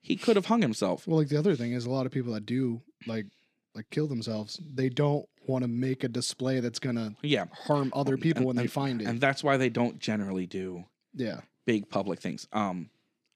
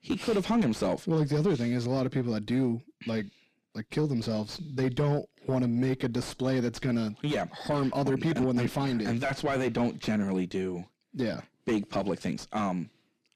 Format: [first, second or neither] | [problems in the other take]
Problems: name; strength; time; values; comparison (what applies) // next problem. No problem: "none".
first | distortion; heavy; 7 dB below the speech